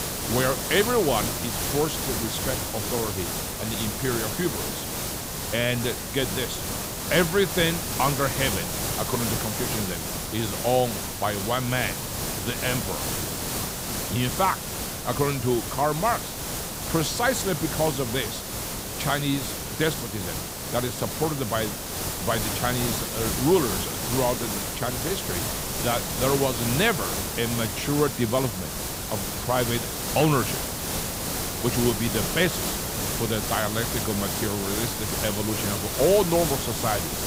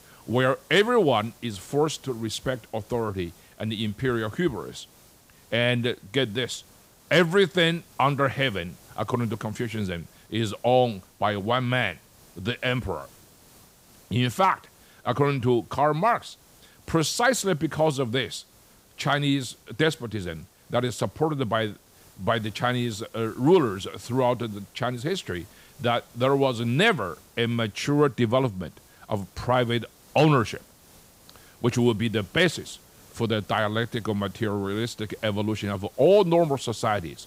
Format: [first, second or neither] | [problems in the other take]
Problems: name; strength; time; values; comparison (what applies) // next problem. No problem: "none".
second | hiss; loud; throughout; 1 dB below the speech; faint in the second